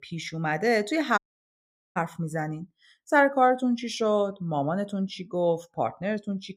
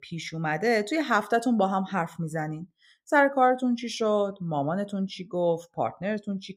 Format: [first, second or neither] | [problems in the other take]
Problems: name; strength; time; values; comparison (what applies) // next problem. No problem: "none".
second | audio cutting out; at 1 s for 1 s